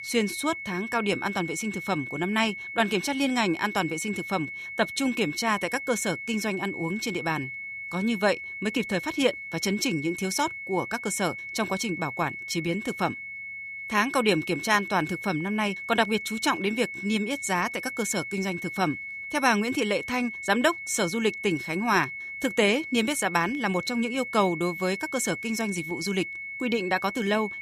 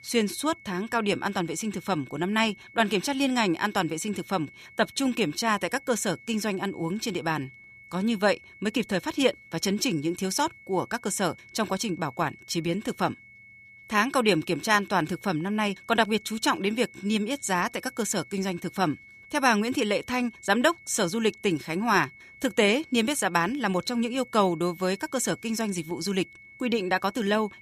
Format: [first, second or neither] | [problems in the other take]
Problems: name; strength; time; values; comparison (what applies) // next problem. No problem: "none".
second | high-pitched whine; loud; throughout; 2 kHz, 7 dB below the speech; faint in the second